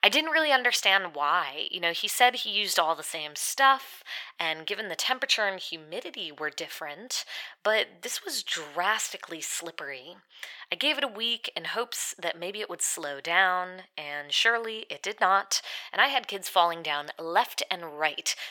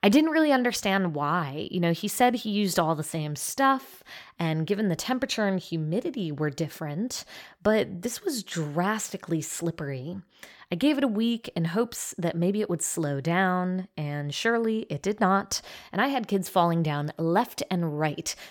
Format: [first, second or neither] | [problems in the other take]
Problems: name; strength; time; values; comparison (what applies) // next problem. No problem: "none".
second | thin; very; fading below 750 Hz